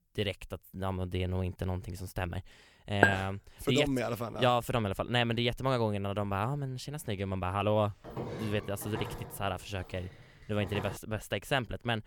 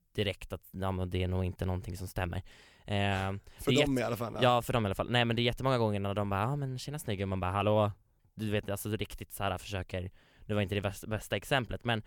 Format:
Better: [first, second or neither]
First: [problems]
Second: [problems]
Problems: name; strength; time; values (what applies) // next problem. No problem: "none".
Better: second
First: clattering dishes; loud; at 3 s; peak 6 dB above the speech // footsteps; noticeable; from 8 to 11 s; peak 7 dB below the speech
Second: none